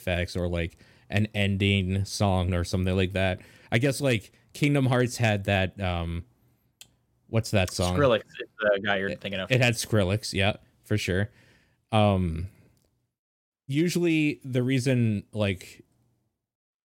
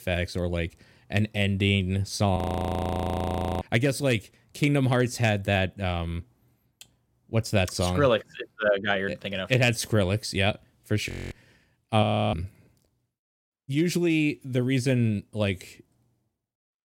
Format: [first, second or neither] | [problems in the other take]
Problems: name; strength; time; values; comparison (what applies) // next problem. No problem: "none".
first | audio freezing; at 2.5 s for 1 s, at 11 s and at 12 s